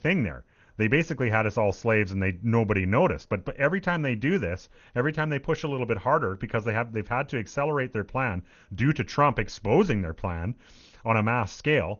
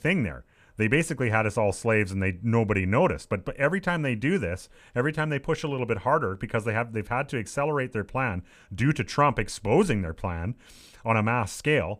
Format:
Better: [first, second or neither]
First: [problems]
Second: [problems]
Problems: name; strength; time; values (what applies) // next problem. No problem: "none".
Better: second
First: garbled, watery; slightly; nothing above 6.5 kHz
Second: none